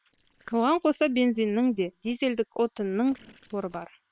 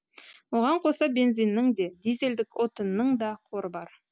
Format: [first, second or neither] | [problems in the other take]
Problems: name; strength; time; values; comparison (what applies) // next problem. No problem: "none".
second | noise reduction (neural separator model SepFormer WHAM!)